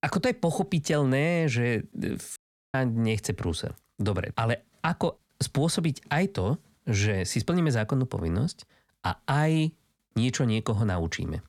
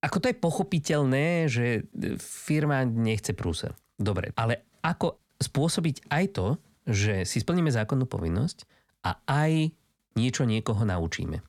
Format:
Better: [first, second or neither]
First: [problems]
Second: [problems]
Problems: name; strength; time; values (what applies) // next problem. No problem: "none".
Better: second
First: audio cutting out; at 2.5 s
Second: none